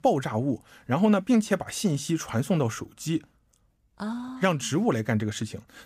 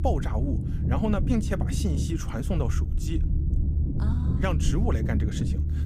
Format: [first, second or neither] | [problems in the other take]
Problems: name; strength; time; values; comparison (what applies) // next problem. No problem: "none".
first | low rumble; loud; throughout; 6 dB below the speech